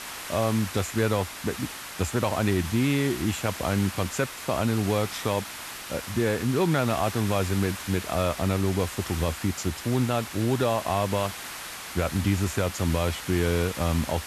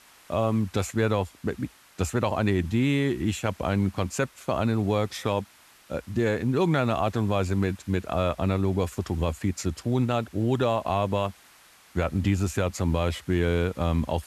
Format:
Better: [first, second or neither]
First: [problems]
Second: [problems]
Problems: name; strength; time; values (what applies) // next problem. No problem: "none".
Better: second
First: hiss; loud; throughout; 9 dB below the speech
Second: hiss; faint; throughout; 25 dB below the speech